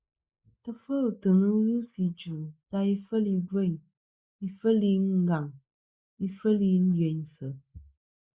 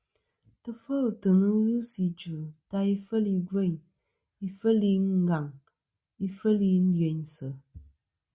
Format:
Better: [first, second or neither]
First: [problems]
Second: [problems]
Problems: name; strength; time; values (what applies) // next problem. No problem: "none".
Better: second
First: noise reduction (neural mask model Resemble Enhance denoiser)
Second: none